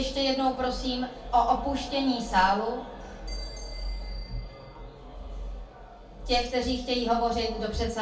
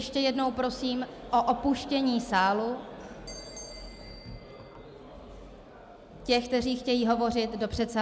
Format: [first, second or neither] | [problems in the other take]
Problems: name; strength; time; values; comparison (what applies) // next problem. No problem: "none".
second | room echo; dies away in 0.3 s